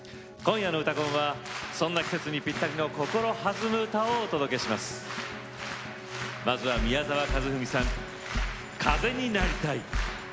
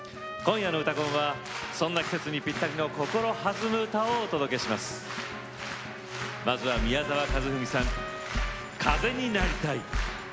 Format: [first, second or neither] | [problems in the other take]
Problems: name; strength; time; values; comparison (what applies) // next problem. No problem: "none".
first | background sound (Trumpet); 15 dB below the speech